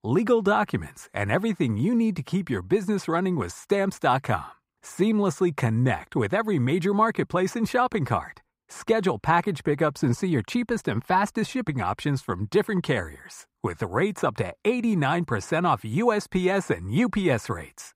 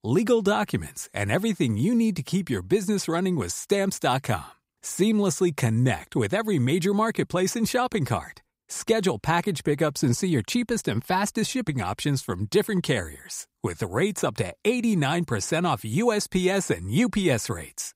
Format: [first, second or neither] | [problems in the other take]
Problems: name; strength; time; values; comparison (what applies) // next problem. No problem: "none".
second | muffled; slightly; fading above 3.5 kHz